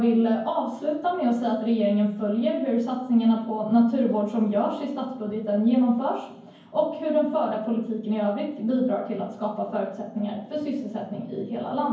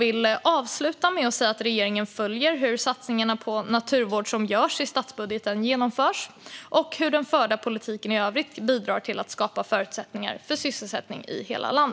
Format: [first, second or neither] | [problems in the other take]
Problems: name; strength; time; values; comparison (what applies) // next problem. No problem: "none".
second | room echo; dies away in 0.9 s